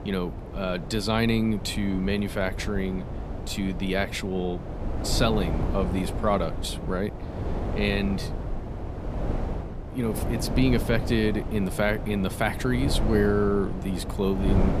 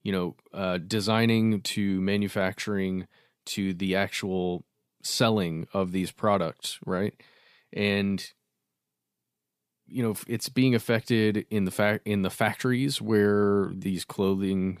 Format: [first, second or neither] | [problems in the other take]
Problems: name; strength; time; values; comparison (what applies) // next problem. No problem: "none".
second | wind noise on the microphone; heavy; 9 dB below the speech